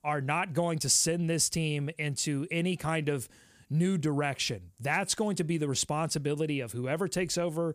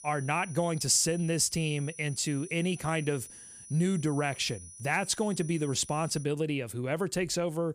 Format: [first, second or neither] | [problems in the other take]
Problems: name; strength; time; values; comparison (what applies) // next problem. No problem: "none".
first | high-pitched whine; noticeable; until 6 s; 9.5 kHz, 15 dB below the speech